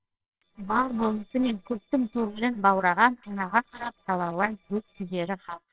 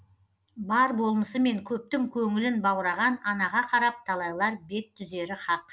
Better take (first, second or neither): second